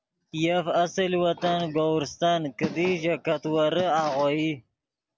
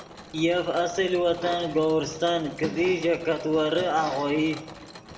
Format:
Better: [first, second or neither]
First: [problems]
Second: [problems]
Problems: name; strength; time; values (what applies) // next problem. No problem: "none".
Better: first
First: none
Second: background sound (Mechanisms); 18 dB below the speech // room echo; dies away in 0.7 s